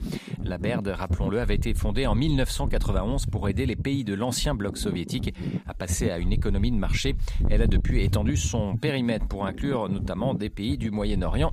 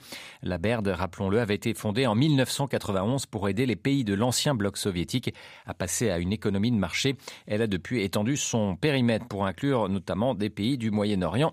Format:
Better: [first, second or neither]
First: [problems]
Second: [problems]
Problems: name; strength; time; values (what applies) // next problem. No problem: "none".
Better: second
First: wind noise on the microphone; occasional gusts; 10 dB below the speech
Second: none